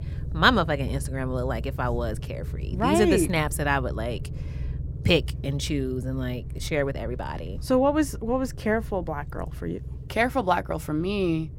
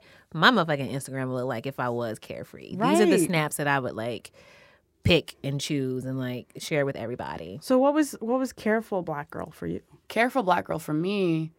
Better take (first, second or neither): second